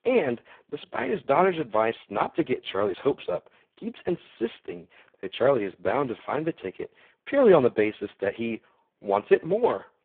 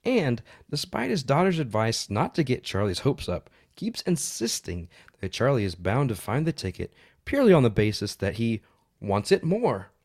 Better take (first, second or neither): second